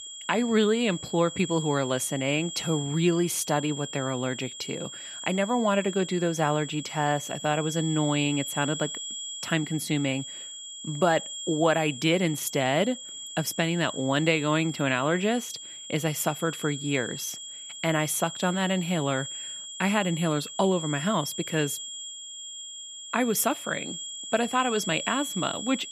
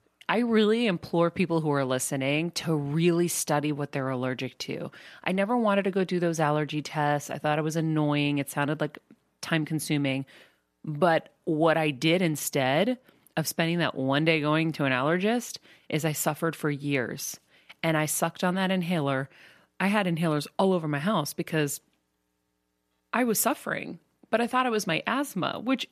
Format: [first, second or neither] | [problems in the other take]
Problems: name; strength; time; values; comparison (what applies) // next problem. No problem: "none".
second | high-pitched whine; loud; throughout; 3.5 kHz, 9 dB below the speech